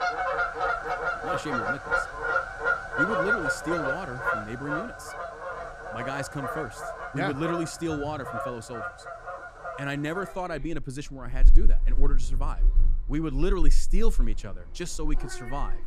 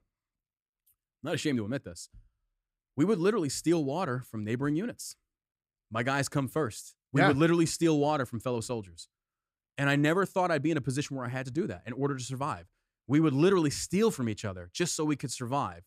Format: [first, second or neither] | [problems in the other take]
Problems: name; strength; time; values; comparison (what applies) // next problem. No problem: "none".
second | animal sounds; very loud; throughout; 4 dB above the speech